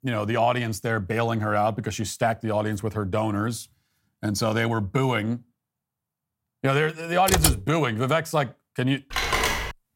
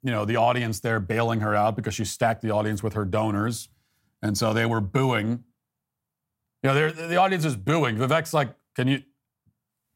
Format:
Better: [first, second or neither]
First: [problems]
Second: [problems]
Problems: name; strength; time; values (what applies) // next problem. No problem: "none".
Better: second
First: keyboard typing; loud; at 7.5 s; peak 4 dB above the speech // phone ringing; loud; at 9 s; peak 3 dB above the speech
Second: none